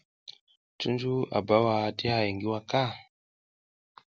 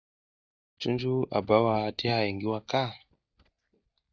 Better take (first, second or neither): first